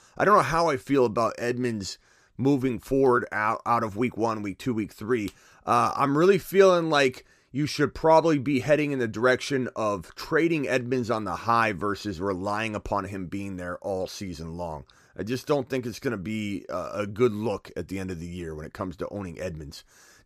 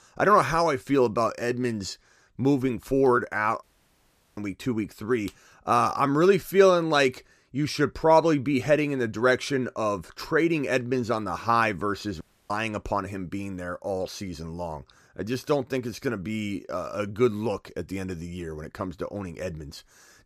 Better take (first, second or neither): first